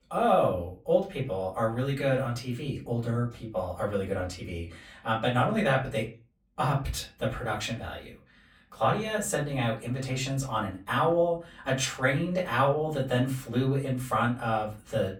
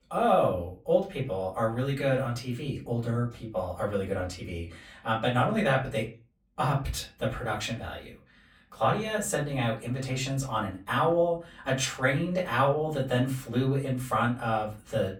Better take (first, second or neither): neither